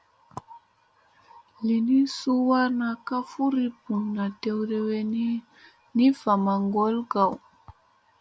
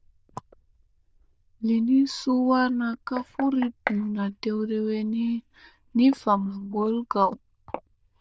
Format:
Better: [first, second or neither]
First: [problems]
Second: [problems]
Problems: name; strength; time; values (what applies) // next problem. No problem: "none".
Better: first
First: none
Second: noise reduction (neural diffusion model UNIVERSE++)